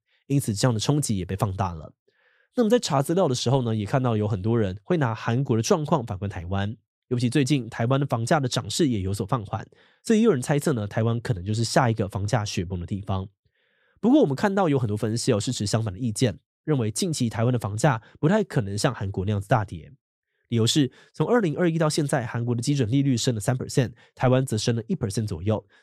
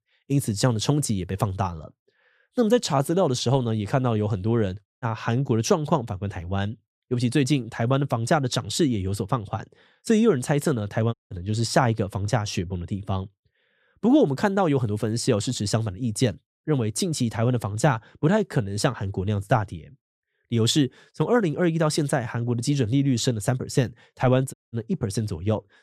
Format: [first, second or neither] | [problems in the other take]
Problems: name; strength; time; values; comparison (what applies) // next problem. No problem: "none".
first | audio cutting out; at 5 s, at 11 s and at 25 s